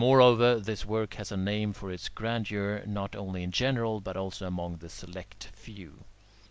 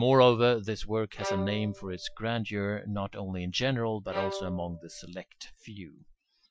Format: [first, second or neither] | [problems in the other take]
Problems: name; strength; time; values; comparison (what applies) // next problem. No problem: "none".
first | noise reduction (classical method Wiener filter)